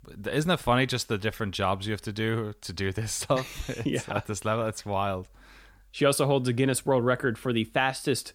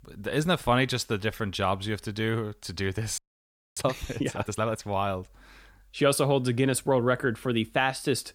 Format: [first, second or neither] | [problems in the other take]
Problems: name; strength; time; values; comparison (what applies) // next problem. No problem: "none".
first | audio freezing; at 3 s for 0.5 s